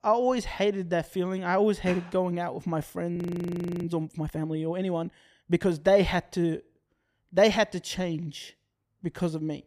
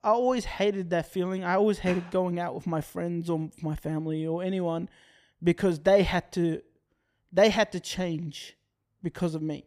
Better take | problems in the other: second | audio freezing; at 3 s for 0.5 s

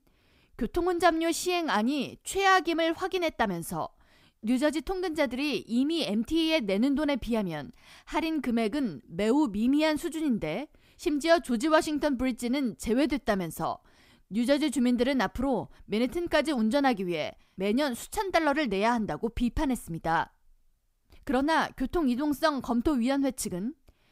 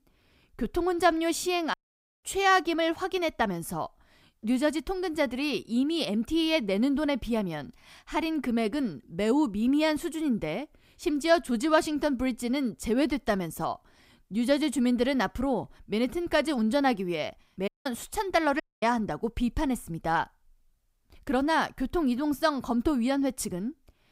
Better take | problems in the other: first | audio cutting out; at 1.5 s, at 18 s and at 19 s

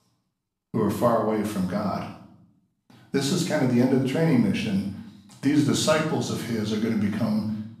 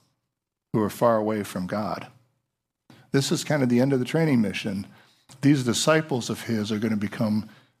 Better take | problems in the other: second | room echo; noticeable; dies away in 0.6 s // off-mic speech; far

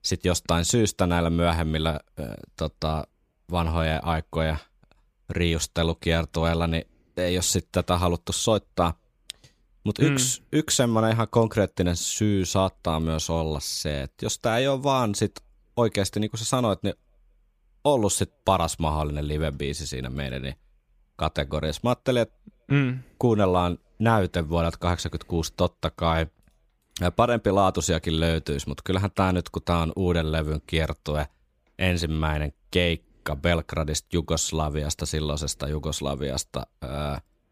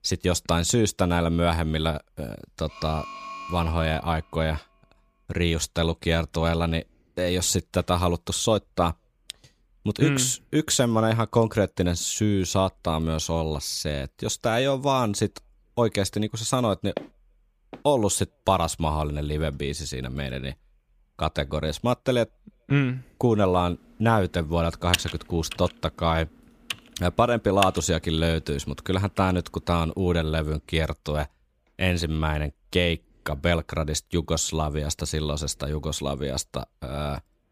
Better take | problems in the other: first | alarm; faint; from 2.5 to 4 s; peak 10 dB below the speech // footsteps; faint; at 17 s; peak 10 dB below the speech // keyboard typing; noticeable; from 25 to 28 s; peak level with the speech

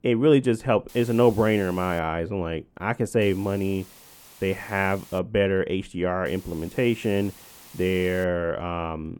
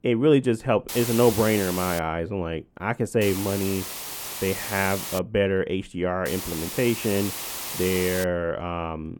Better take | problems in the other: first | hiss; loud; from 1 to 2 s, from 3 to 5 s and from 6.5 to 8 s; 6 dB below the speech; faint in the first

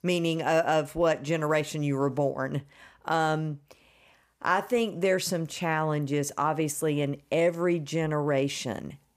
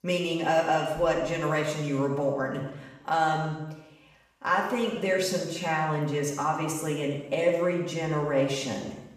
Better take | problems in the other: first | room echo; noticeable; dies away in 0.9 s // off-mic speech; far

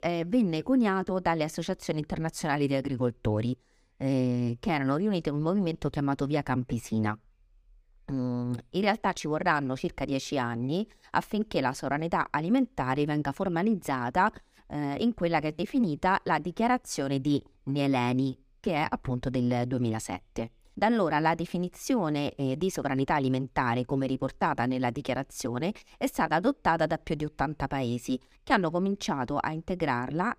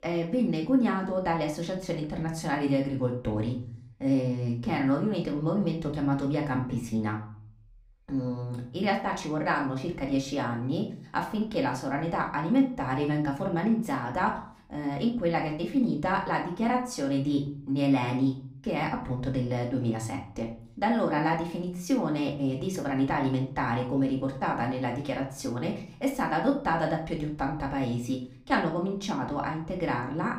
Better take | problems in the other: first | room echo; slight; dies away in 0.4 s // off-mic speech; somewhat distant

